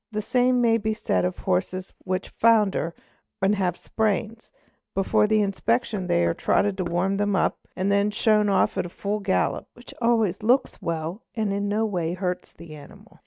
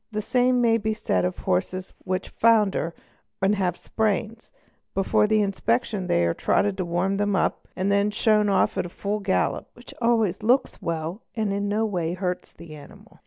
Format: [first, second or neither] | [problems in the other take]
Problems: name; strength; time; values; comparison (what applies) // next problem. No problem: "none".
second | noise reduction (neural mask model RNNoise)